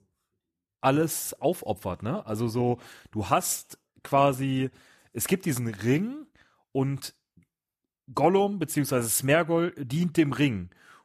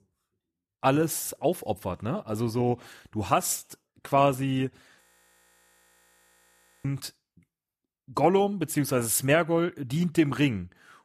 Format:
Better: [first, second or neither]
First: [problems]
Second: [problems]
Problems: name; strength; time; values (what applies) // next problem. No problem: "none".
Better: first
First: none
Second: audio freezing; at 5 s for 2 s